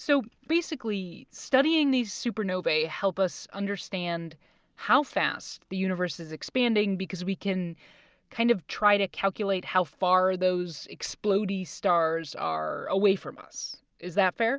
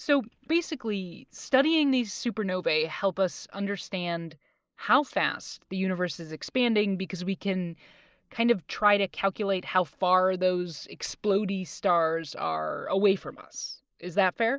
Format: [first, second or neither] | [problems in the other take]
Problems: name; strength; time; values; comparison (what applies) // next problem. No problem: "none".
first | noise reduction (neural mask model Resemble Enhance denoiser)